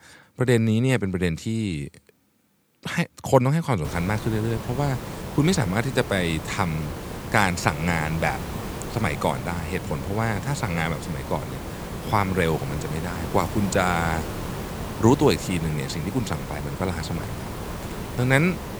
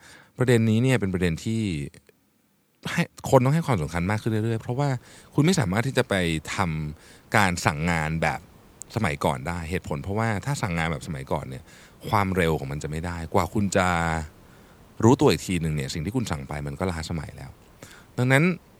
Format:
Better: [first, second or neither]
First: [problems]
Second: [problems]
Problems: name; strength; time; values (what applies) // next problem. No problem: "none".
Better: second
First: hiss; loud; from 4 s on; 9 dB below the speech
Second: hiss; faint; from 4 s on; 30 dB below the speech